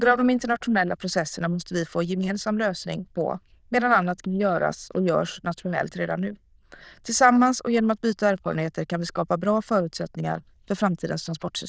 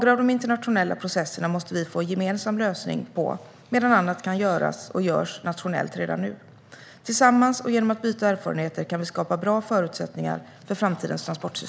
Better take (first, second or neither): second